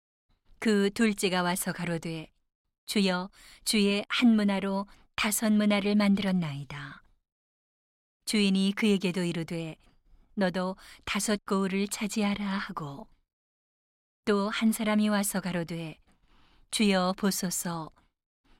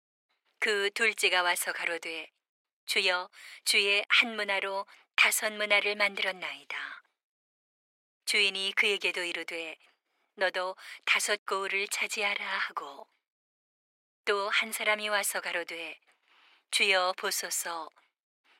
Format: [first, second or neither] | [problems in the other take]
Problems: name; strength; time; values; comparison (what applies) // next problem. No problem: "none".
first | thin; very; fading below 400 Hz